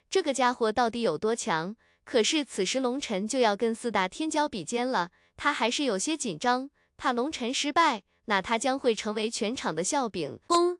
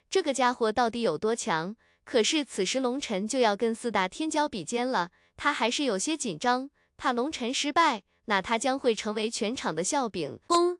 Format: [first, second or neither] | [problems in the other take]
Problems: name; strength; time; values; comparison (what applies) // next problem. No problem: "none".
neither | none